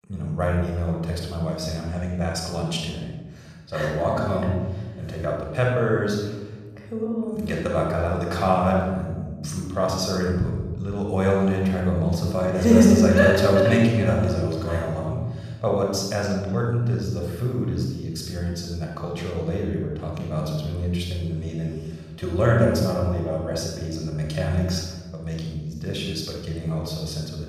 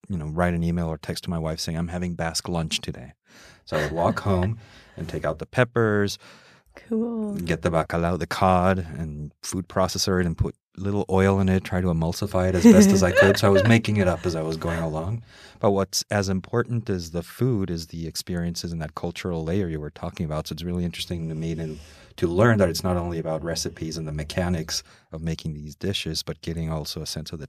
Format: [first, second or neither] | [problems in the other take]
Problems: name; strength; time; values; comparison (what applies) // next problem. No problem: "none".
second | off-mic speech; somewhat distant // room echo; noticeable; dies away in 1.2 s